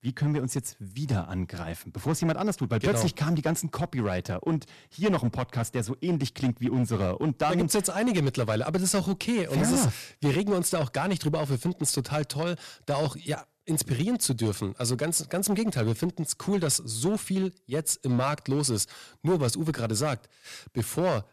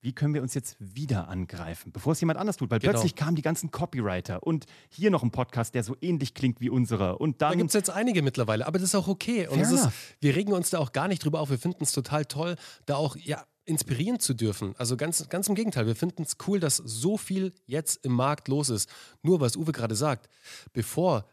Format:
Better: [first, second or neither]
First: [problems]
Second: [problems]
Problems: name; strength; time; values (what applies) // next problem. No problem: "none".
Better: second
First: distortion; slight; 6% of the sound clipped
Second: none